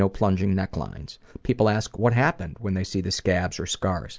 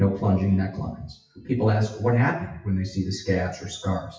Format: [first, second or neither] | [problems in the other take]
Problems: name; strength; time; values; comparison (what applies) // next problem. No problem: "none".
first | noise reduction (classical method WPE with log-MMSE)